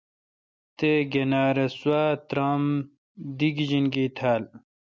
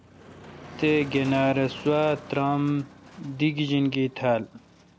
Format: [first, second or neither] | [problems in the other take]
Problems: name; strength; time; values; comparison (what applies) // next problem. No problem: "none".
first | background sound (Motor vehicle (road)); 18 dB below the speech